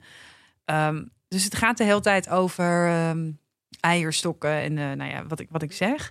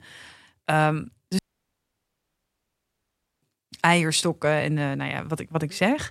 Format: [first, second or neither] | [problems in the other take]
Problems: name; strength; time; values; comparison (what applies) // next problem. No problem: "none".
first | audio cutting out; at 1.5 s for 2 s